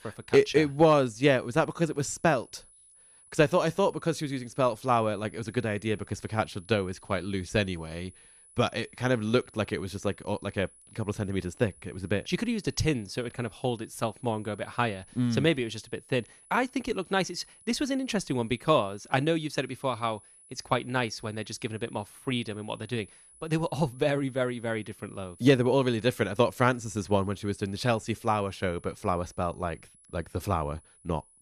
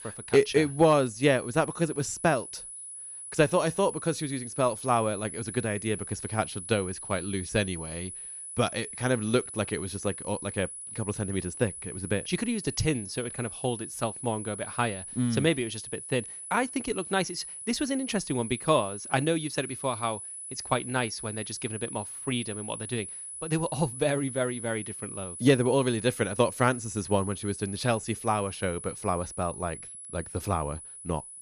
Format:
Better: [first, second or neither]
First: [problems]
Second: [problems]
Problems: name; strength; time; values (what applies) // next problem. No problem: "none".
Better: first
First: high-pitched whine; faint; throughout; 10 kHz, 25 dB below the speech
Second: high-pitched whine; loud; throughout; 10 kHz, 9 dB below the speech